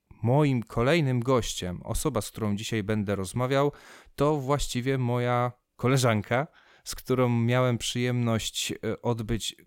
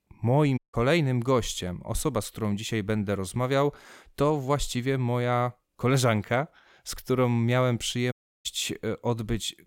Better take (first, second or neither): first